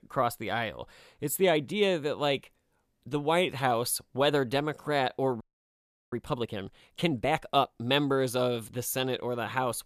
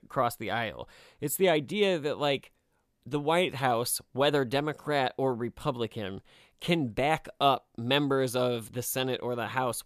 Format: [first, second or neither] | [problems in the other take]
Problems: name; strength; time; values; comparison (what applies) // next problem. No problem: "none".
second | audio freezing; at 5.5 s for 0.5 s